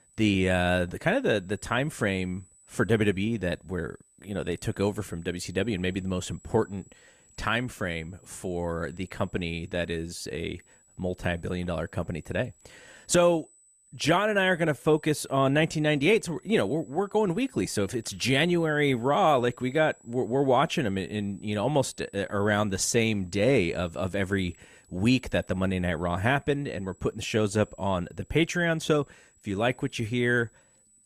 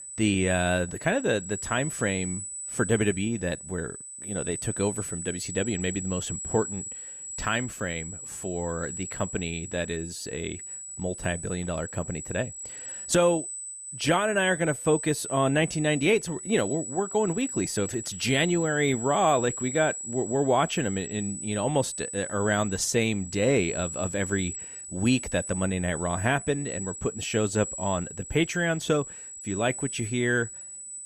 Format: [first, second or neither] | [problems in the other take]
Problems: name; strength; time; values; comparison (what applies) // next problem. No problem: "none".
first | high-pitched whine; loud; throughout; 8 kHz, 7 dB below the speech; faint in the first